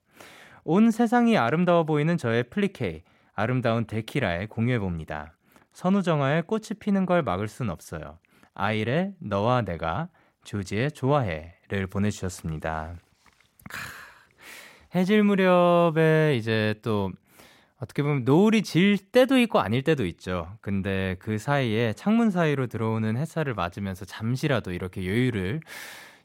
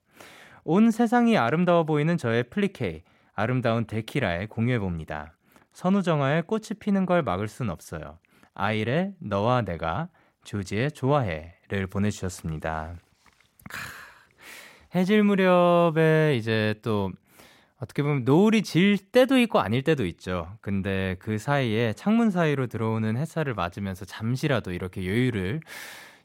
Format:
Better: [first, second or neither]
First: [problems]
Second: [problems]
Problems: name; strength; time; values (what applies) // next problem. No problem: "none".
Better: neither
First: none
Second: none